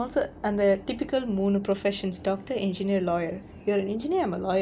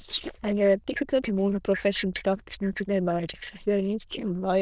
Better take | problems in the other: first | noise reduction (neural diffusion model UNIVERSE++)

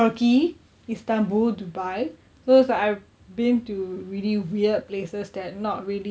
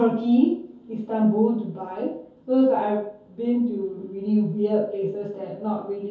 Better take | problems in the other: first | room echo; dies away in 0.6 s

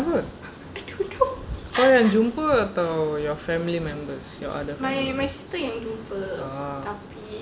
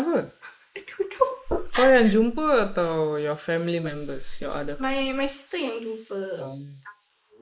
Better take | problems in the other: first | noise reduction (neural mask model Resemble Enhance denoiser)

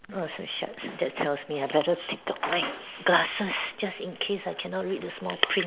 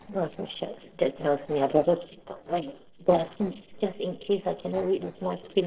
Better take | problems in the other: first | noise reduction (neural separator model SepFormer DNS4)

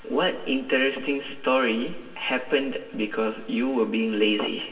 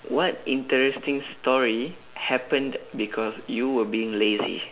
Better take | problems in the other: second | room echo; dies away in 1.7 s

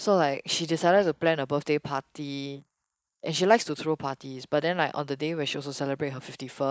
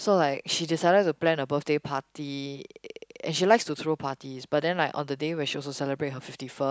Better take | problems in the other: second | noise reduction (neural mask model Resemble Enhance denoiser)

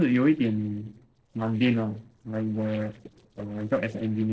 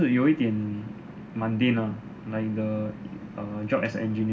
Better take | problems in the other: second | noise reduction (neural separator model SepFormer DNS4)

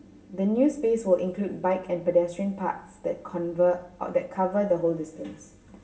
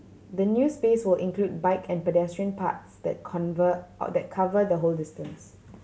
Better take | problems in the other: second | room echo; dies away in 0.8 s

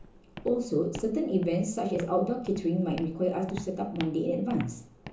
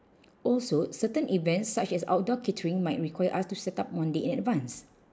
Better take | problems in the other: second | background sound (Walk, footsteps); 16 dB below the speech // room echo; dies away in 0.8 s

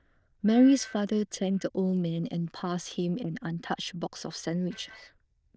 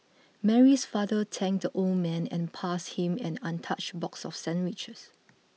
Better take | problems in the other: second | noise reduction (neural diffusion model UNIVERSE++)

